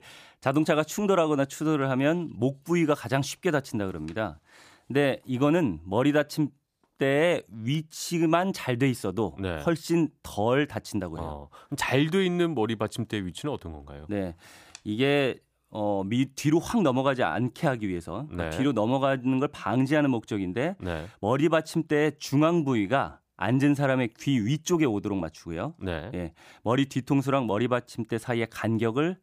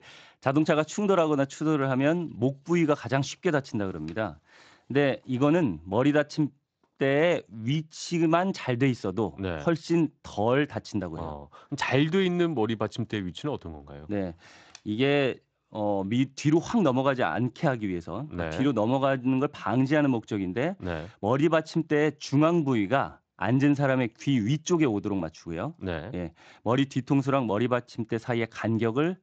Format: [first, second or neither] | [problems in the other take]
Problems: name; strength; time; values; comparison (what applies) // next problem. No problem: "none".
first | garbled, watery; slightly; nothing above 7.5 kHz